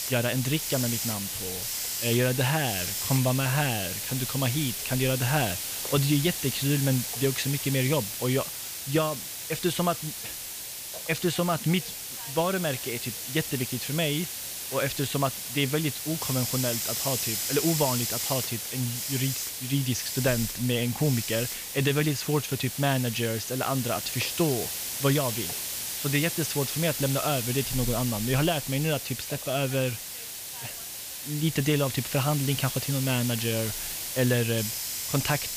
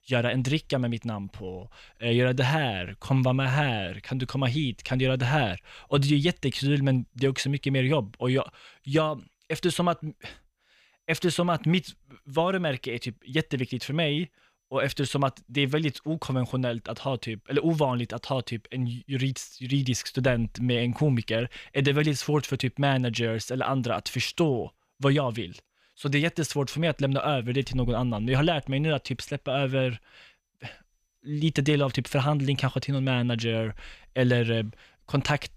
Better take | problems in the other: second | hiss; loud; throughout; 3 dB below the speech

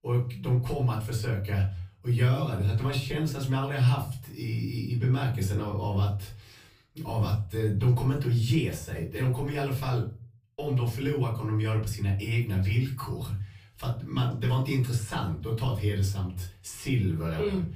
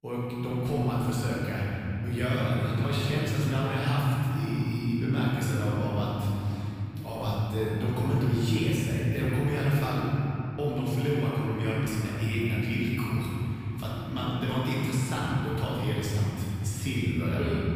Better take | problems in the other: first | room echo; strong; dies away in 3 s; slight in the first // off-mic speech; far; far in the first

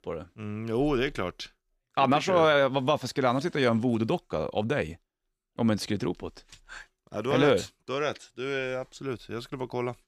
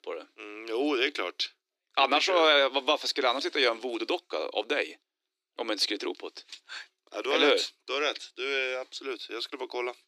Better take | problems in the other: first | thin; somewhat; fading below 300 Hz

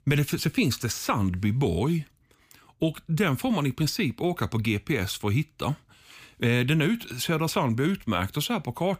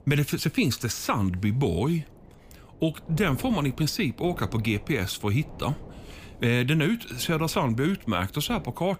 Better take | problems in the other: first | wind noise on the microphone; occasional gusts; 20 dB below the speech

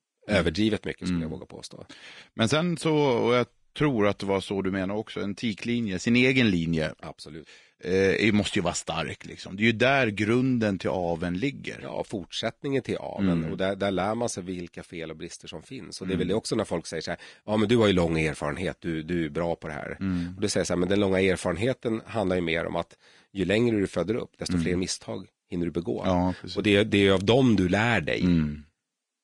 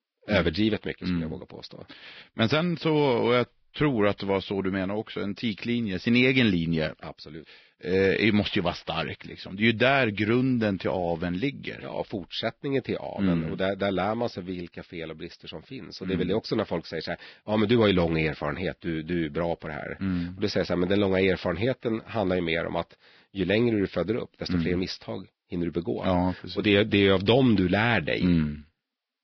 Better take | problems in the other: first | garbled, watery; badly; nothing above 5.5 kHz; slightly in the first

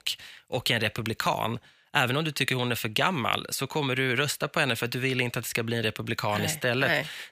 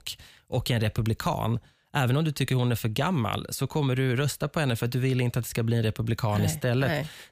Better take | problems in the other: second | thin; somewhat; fading below 350 Hz

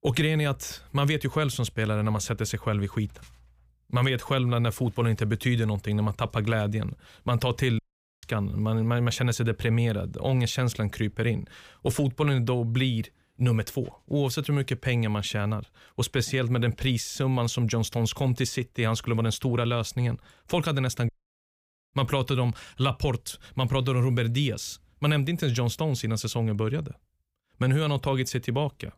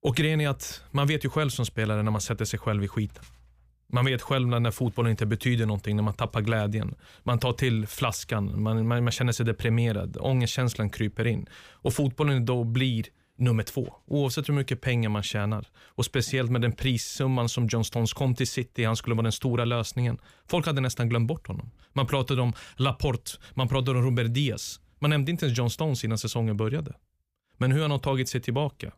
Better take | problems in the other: second | audio cutting out; at 8 s and at 21 s for 1 s

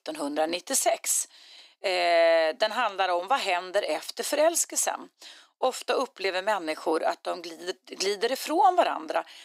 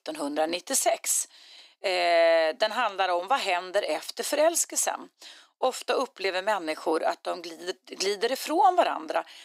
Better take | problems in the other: neither | thin; very; fading below 300 Hz; the same in both

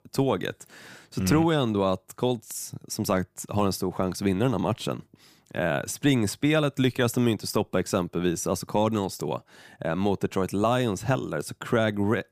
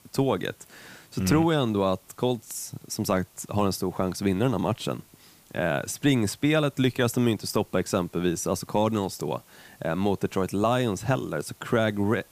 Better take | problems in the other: first | hiss; faint; throughout; 30 dB below the speech

